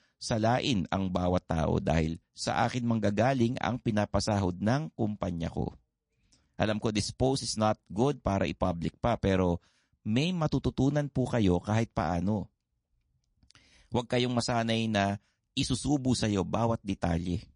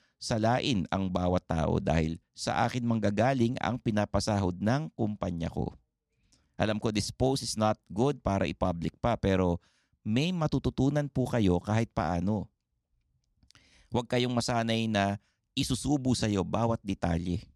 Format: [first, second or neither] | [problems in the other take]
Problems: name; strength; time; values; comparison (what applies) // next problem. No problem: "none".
second | garbled, watery; slightly; nothing above 10.5 kHz